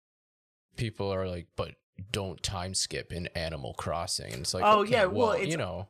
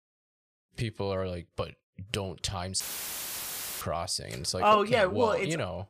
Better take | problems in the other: first | audio cutting out; filled with static; at 3 s for 1 s

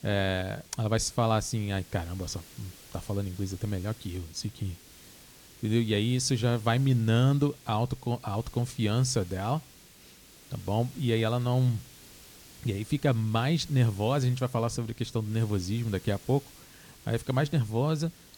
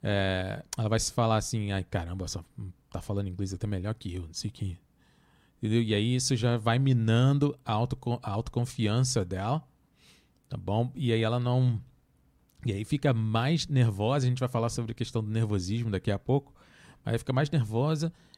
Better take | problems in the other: second | hiss; faint; throughout; 20 dB below the speech

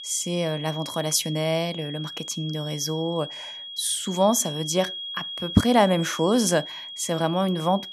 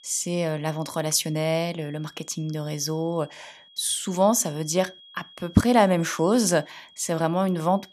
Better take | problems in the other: second | high-pitched whine; loud; throughout; 3.5 kHz, 9 dB below the speech; faint in the second

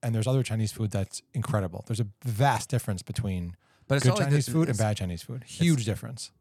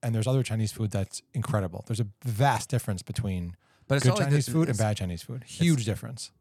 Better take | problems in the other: neither | none

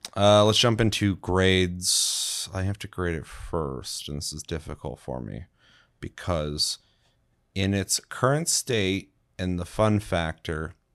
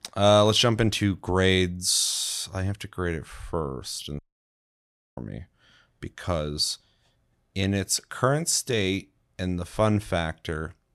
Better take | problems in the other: first | audio cutting out; at 4 s for 1 s

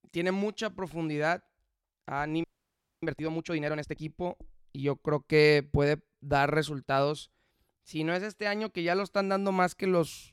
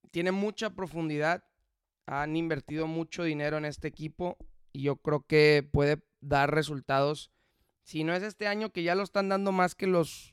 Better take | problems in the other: second | audio freezing; at 2.5 s for 0.5 s

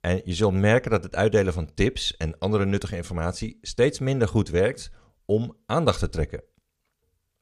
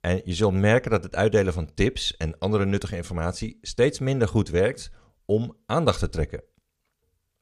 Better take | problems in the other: neither | none

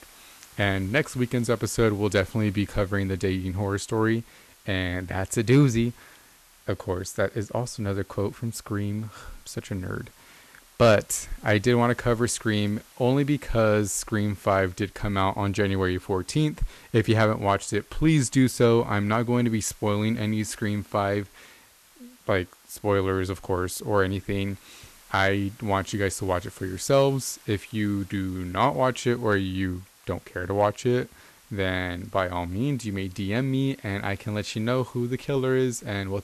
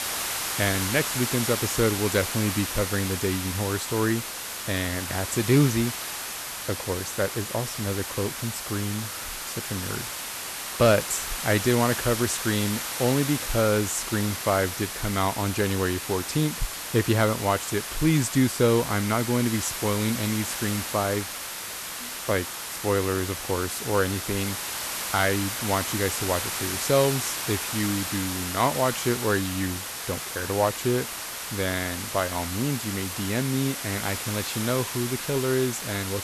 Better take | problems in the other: first | hiss; loud; throughout; 4 dB below the speech; faint in the first

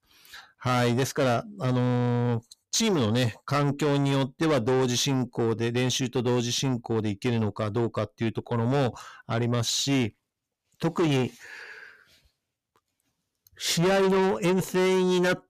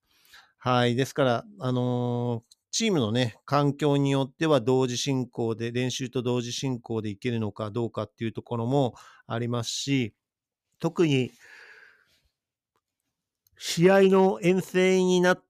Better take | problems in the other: second | distortion; heavy; 6 dB below the speech

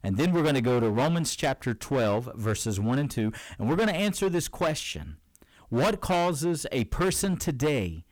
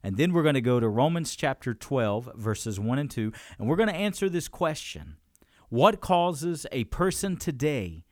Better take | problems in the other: second | distortion; heavy; 15% of the sound clipped

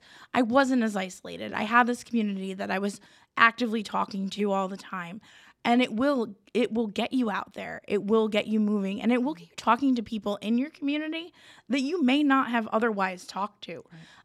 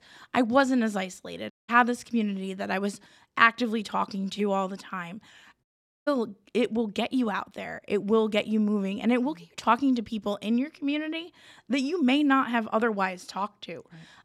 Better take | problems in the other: first | audio cutting out; at 1.5 s and at 5.5 s

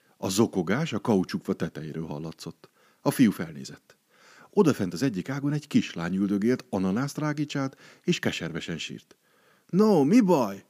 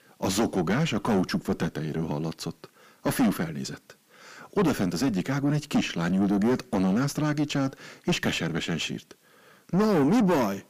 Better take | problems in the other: first | distortion; heavy; 6 dB below the speech

